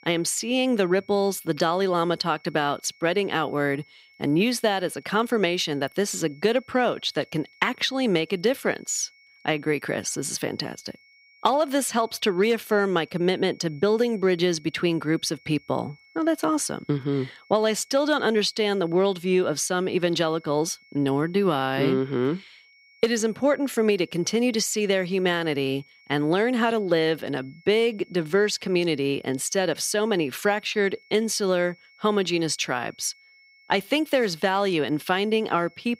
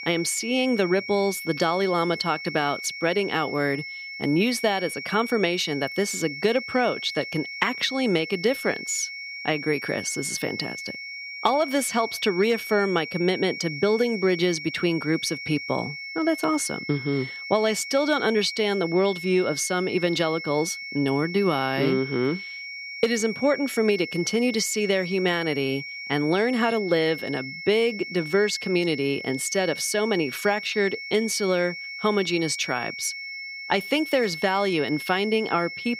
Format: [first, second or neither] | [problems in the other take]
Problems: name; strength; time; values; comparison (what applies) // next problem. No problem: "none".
first | high-pitched whine; loud; throughout; 2 kHz, 9 dB below the speech; faint in the first